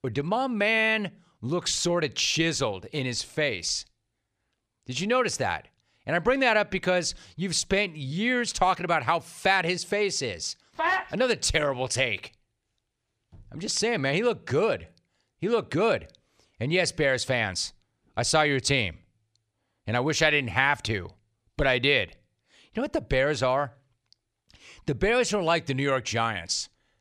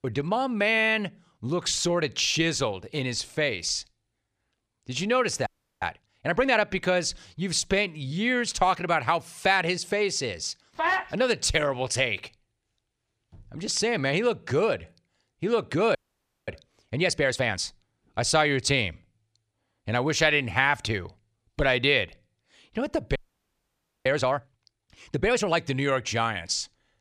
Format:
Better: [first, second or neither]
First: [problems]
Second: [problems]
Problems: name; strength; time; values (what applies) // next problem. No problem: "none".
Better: first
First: none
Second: audio freezing; at 5.5 s, at 16 s for 0.5 s and at 23 s for 1 s